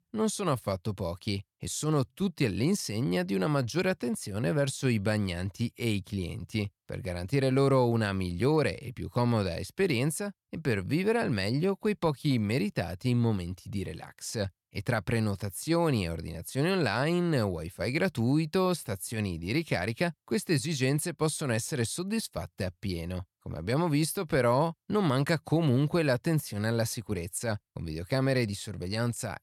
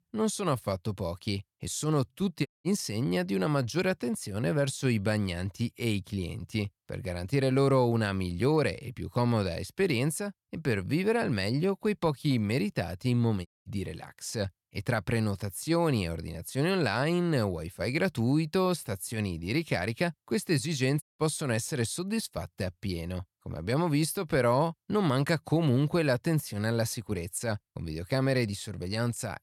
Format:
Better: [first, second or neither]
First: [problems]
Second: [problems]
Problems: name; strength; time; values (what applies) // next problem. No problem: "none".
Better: first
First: none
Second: audio cutting out; at 2.5 s, at 13 s and at 21 s